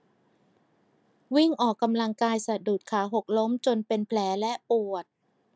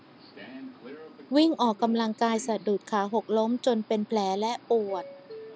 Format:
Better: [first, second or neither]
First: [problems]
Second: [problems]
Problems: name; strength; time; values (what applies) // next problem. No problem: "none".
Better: first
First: none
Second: background sound (Subway, metro, underground); 18 dB below the speech